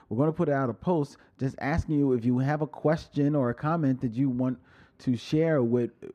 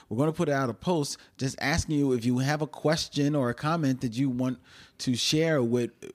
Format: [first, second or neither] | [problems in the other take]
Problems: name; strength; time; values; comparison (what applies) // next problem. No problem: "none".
second | muffled; very; fading above 2.5 kHz